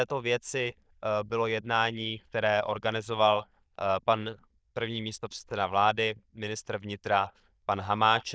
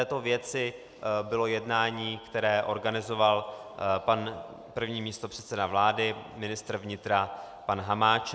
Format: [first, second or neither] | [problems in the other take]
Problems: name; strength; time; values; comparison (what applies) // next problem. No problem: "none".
second | noise reduction (neural diffusion model UNIVERSE++)